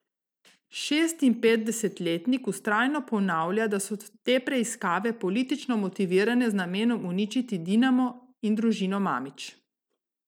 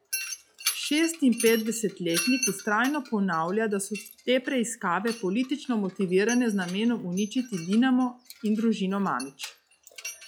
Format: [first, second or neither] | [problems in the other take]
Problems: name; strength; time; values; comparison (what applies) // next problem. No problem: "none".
first | noise reduction (classical method log-MMSE)